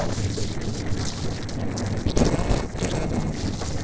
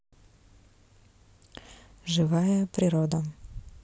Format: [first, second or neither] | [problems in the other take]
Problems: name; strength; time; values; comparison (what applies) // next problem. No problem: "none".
second | noise reduction (neural separator model SepFormer DNS4)